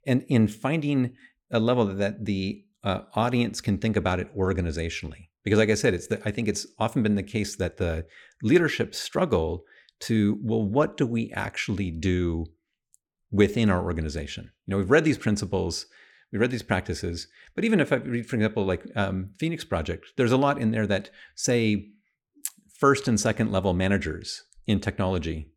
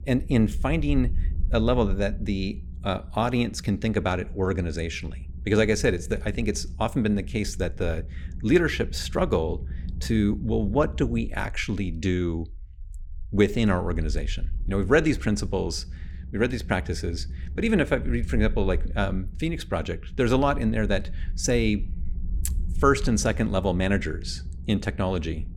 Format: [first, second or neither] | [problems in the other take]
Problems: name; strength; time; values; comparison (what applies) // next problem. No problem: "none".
first | low rumble; faint; throughout; 25 dB below the speech